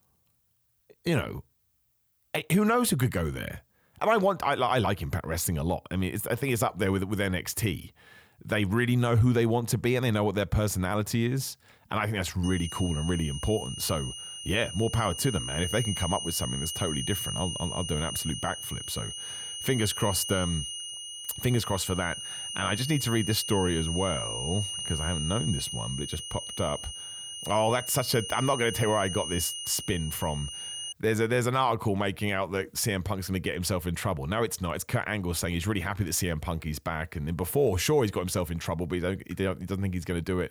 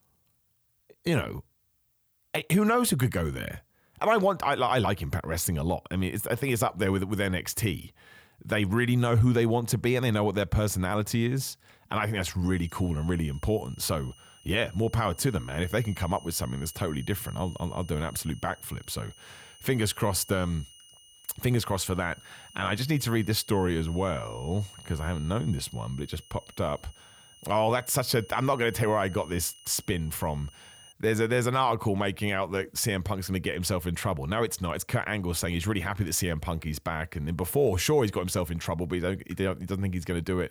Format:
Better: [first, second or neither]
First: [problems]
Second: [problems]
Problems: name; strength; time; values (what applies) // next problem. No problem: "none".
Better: second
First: high-pitched whine; loud; from 12 to 31 s; 3 kHz, 6 dB below the speech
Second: high-pitched whine; faint; from 12 to 31 s; 3 kHz, 20 dB below the speech